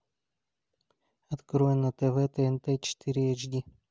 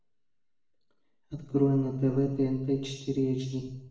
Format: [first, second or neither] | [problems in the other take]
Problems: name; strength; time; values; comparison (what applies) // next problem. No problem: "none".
first | room echo; dies away in 0.7 s